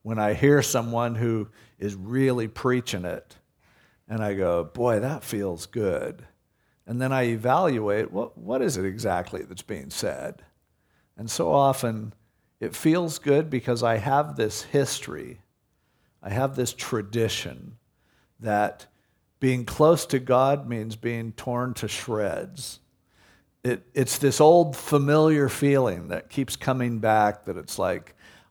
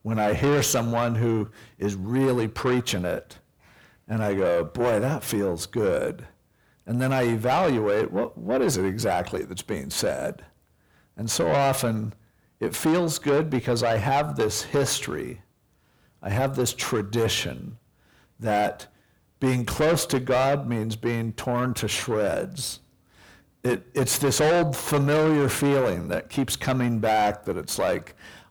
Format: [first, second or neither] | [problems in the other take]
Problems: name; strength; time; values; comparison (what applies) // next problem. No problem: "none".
first | distortion; heavy; 6 dB below the speech